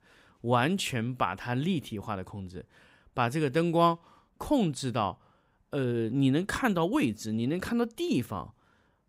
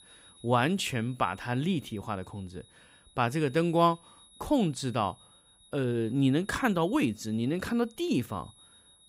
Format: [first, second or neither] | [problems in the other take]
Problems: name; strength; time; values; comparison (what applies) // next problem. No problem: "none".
first | high-pitched whine; faint; throughout; 4 kHz, 25 dB below the speech